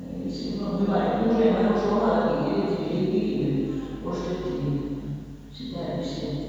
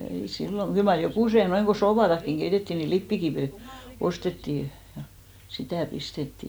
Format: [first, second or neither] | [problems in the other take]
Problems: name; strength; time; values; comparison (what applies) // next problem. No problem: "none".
second | room echo; dies away in 2.1 s